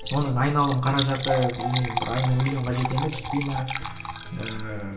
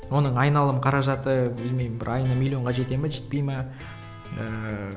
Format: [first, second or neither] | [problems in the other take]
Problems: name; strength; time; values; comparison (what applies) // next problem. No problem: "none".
second | background sound (Liquid); 7 dB below the speech // room echo; dies away in 0.3 s